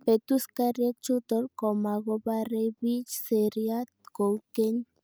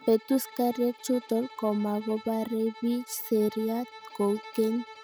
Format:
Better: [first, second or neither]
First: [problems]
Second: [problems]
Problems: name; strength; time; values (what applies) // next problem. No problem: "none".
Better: first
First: none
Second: background sound (Bowed string instrument); 19 dB below the speech